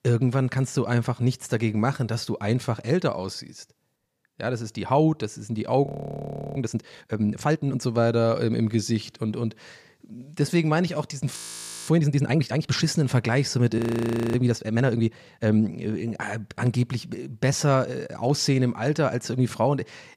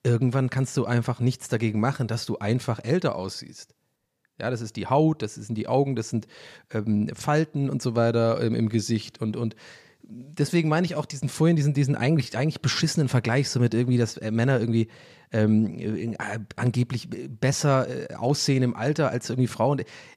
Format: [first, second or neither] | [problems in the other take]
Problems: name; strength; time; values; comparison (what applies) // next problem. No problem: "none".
second | audio freezing; at 6 s for 0.5 s, at 11 s for 0.5 s and at 14 s for 0.5 s